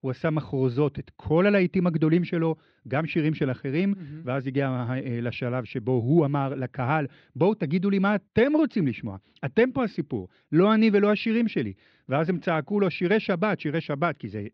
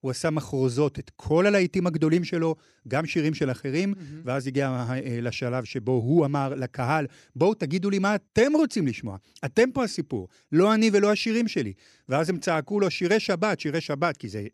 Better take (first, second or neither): second